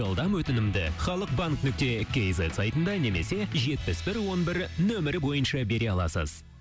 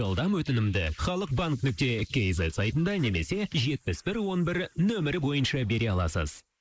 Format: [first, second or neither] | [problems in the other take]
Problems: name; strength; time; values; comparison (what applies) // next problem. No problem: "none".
first | noise reduction (neural mask model Resemble Enhance denoiser)